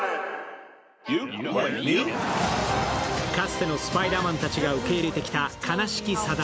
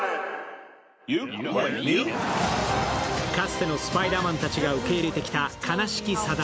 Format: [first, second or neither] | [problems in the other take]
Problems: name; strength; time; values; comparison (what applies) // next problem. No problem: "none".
second | background sound (Bowed string instrument); 17 dB below the speech